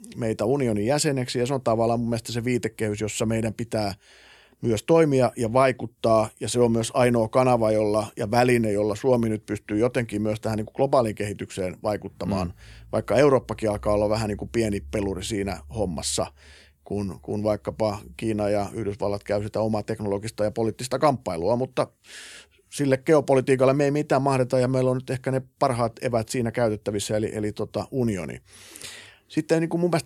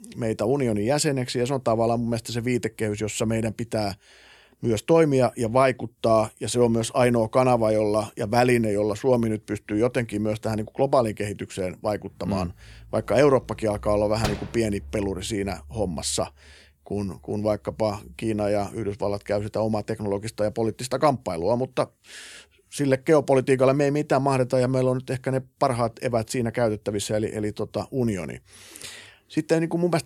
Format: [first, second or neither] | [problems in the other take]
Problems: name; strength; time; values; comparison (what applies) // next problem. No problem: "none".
first | door banging; noticeable; at 14 s; peak 7 dB below the speech